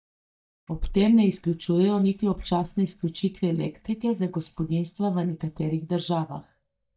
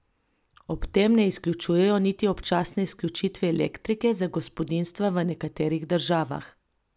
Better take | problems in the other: second | noise reduction (neural mask model DeepFilterNet 3)

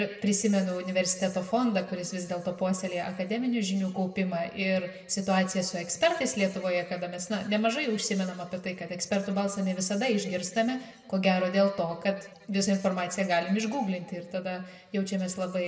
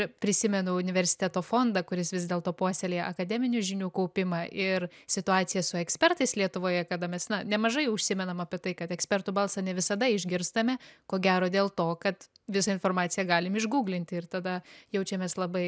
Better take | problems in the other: second | room echo; dies away in 1.2 s

